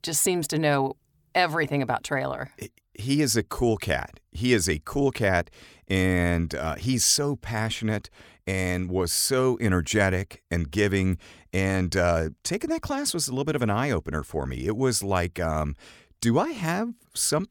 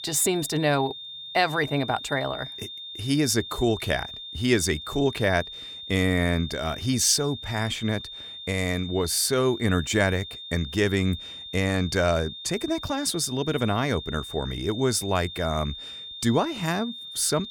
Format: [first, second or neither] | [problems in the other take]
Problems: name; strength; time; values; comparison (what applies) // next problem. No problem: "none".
first | high-pitched whine; noticeable; throughout; 3.5 kHz, 10 dB below the speech